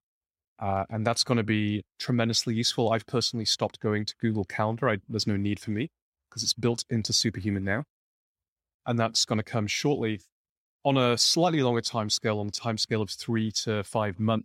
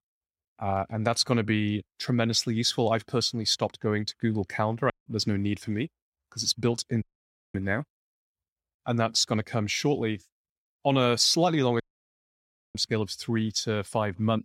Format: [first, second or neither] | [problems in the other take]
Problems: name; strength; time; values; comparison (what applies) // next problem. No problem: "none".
first | audio cutting out; at 5 s, at 7 s for 0.5 s and at 12 s for 1 s